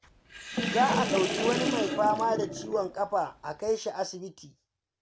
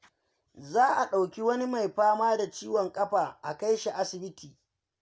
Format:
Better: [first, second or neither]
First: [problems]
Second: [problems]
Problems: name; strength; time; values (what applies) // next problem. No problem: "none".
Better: second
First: background sound (Sink (filling or washing) / Water); 3 dB below the speech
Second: none